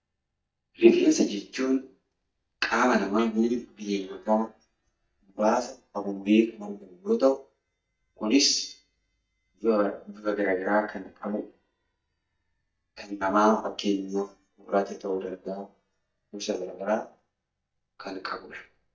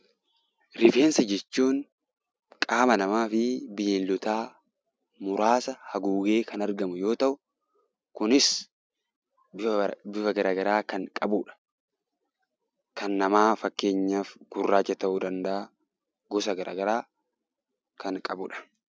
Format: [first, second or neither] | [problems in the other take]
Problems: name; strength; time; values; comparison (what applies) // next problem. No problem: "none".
second | noise reduction (neural mask model DeepFilterNet 3)